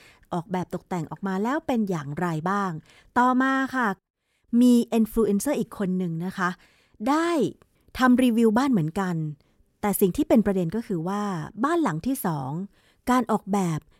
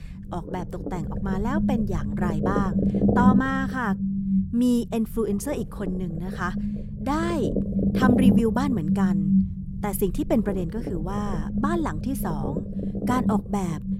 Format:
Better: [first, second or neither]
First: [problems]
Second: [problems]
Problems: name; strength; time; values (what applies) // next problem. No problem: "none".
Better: first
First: none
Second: low rumble; loud; throughout; 4 dB below the speech